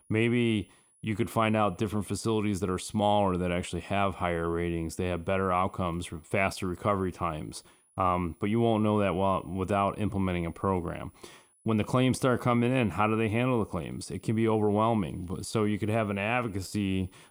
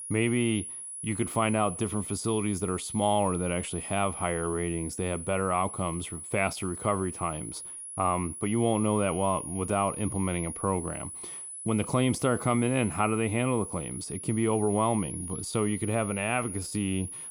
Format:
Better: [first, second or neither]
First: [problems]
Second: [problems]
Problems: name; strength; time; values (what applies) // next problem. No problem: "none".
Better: first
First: high-pitched whine; faint; throughout; 10.5 kHz, 35 dB below the speech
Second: high-pitched whine; loud; throughout; 10.5 kHz, 8 dB below the speech